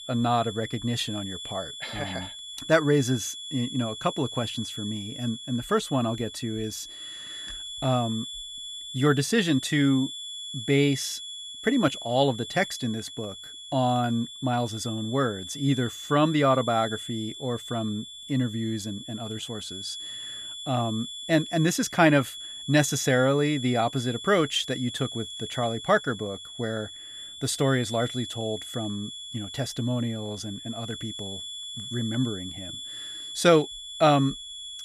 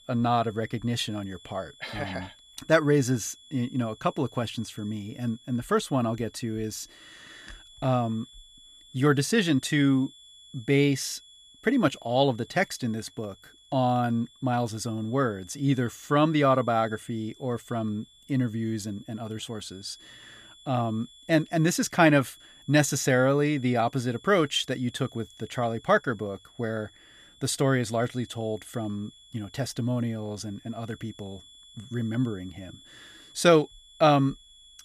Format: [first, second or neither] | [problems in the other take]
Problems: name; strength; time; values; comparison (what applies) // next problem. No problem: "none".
second | high-pitched whine; loud; throughout; 3.5 kHz, 10 dB below the speech; faint in the second